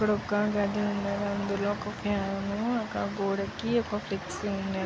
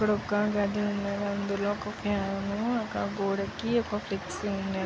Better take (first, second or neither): second